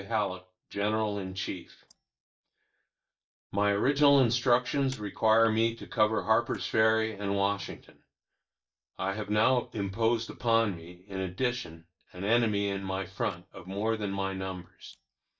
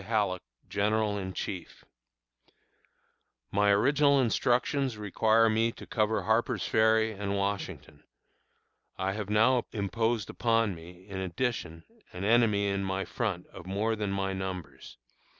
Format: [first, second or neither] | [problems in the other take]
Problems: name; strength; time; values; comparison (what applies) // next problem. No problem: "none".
second | noise reduction (neural mask model DeepFilterNet 3)